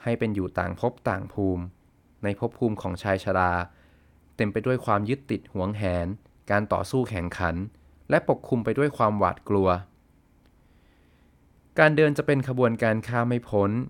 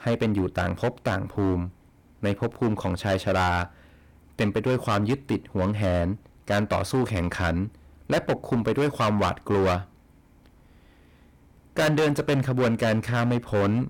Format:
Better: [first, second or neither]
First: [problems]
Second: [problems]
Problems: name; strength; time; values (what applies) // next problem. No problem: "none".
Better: first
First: none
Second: distortion; heavy; 11% of the sound clipped